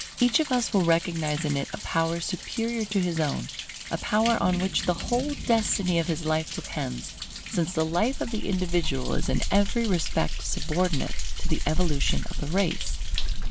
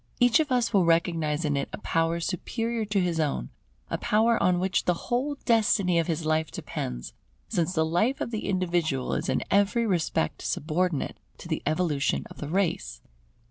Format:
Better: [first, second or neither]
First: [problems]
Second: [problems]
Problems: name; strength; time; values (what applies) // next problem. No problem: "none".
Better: second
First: background sound (Thunder); 1 dB below the speech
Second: none